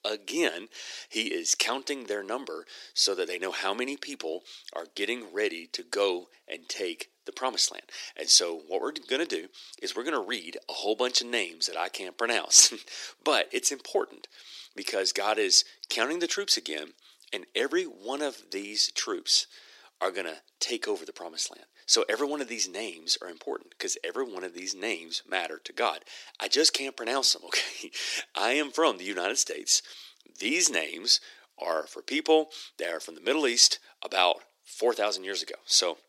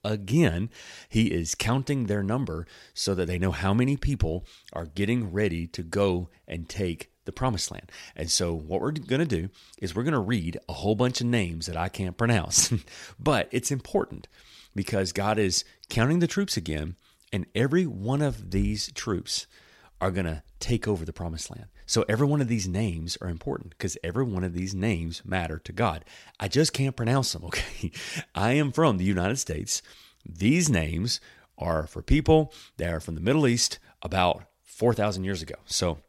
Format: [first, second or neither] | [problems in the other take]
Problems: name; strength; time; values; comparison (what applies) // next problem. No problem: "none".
second | thin; very; fading below 300 Hz